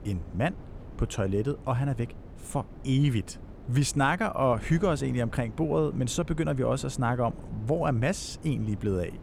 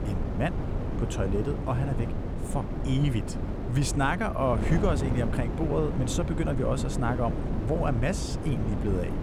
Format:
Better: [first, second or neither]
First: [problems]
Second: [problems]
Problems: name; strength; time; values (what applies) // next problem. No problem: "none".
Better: first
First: wind noise on the microphone; occasional gusts; 20 dB below the speech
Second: wind noise on the microphone; heavy; 6 dB below the speech